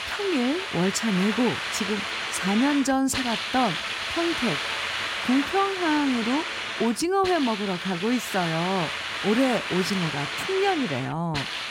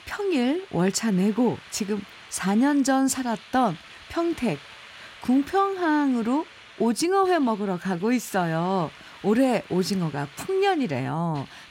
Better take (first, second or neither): second